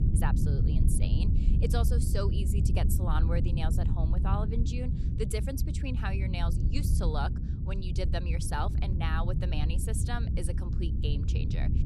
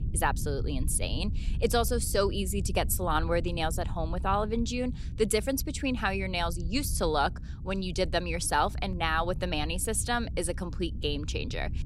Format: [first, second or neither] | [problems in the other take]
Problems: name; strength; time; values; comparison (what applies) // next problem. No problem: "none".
second | low rumble; loud; throughout; 5 dB below the speech; faint in the second